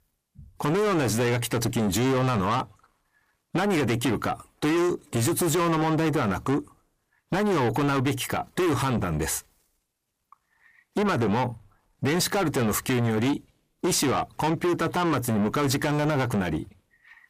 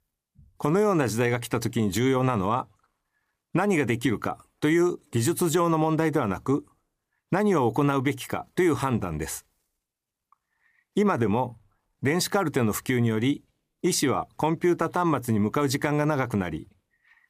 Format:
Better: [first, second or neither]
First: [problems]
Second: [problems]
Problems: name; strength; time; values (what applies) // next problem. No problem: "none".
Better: second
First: distortion; heavy; 7 dB below the speech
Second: none